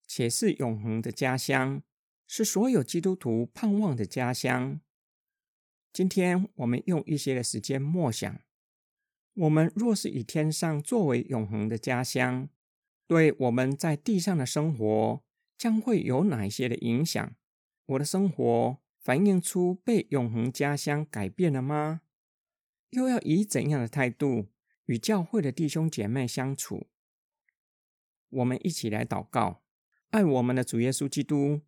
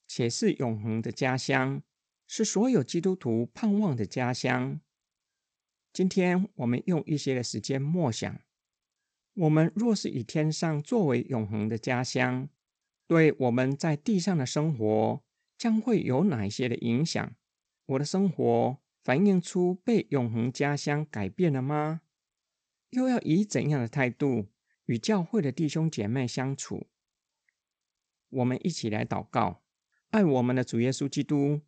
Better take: first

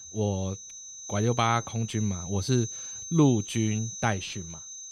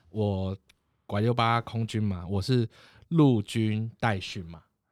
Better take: second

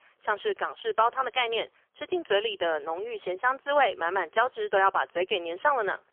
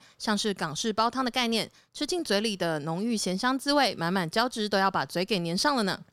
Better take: second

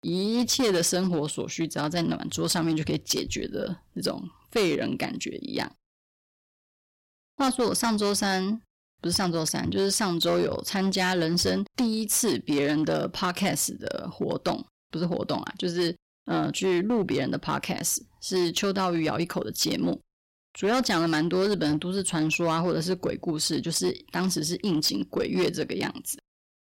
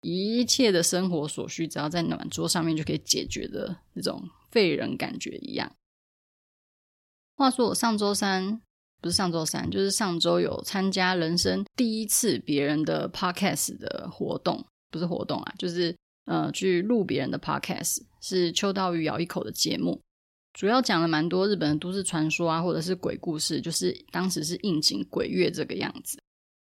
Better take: second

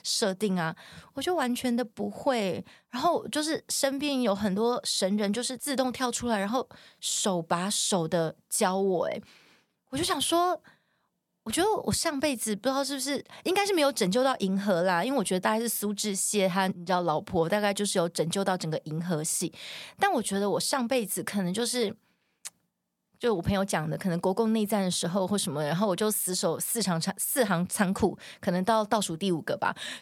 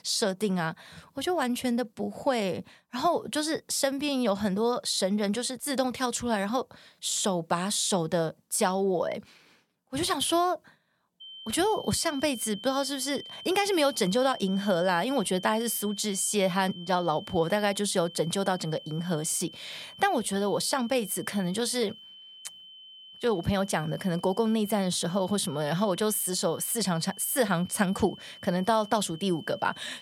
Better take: first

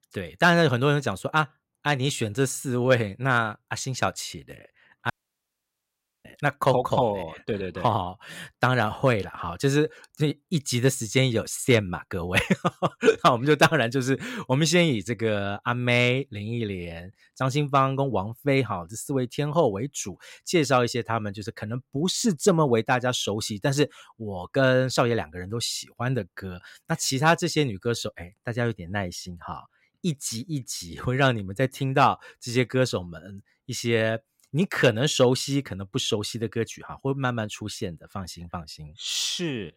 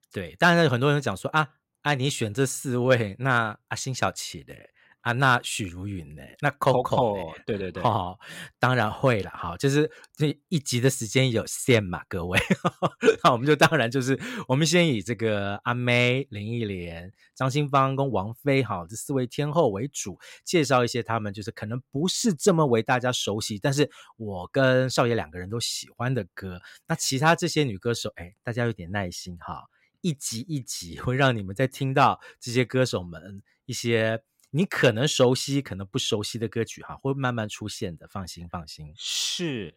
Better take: second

